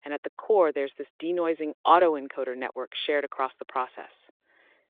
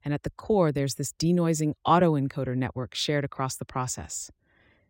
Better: second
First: phone-call audio; nothing above 3.5 kHz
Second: none

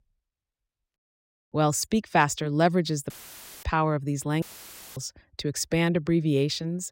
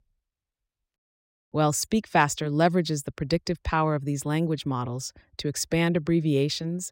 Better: second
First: audio cutting out; filled with static; at 3 s for 0.5 s and at 4.5 s for 0.5 s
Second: none

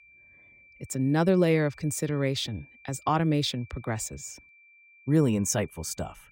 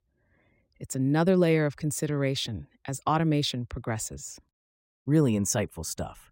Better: second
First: high-pitched whine; faint; throughout; 2.5 kHz, 25 dB below the speech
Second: none

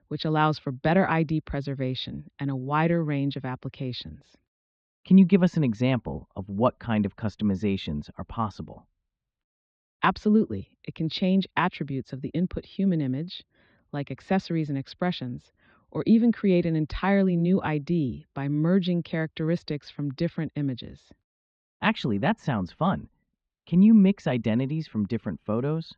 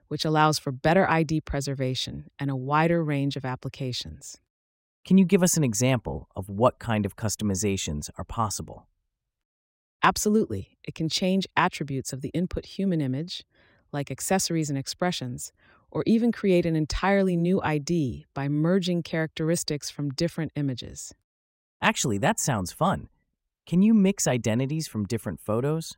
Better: second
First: muffled; slightly; fading above 4 kHz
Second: none

